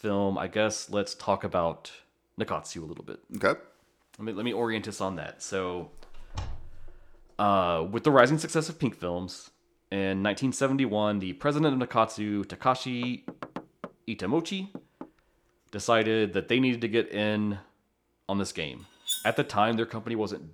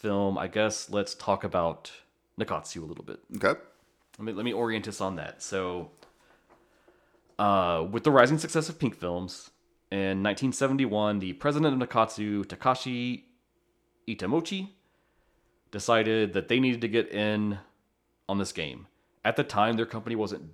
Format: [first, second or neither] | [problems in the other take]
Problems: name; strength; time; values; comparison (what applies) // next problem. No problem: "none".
second | door banging; faint; from 6 to 7 s and from 13 to 16 s; peak 10 dB below the speech // clattering dishes; noticeable; at 19 s; peak 3 dB below the speech